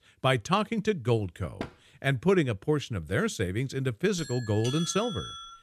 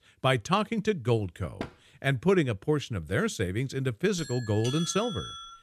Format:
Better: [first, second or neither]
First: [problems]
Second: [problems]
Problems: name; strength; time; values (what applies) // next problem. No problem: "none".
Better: neither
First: door banging; faint; at 1.5 s; peak 15 dB below the speech // doorbell; noticeable; from 4 s on; peak 7 dB below the speech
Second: door banging; faint; at 1.5 s; peak 15 dB below the speech // doorbell; noticeable; from 4 s on; peak 7 dB below the speech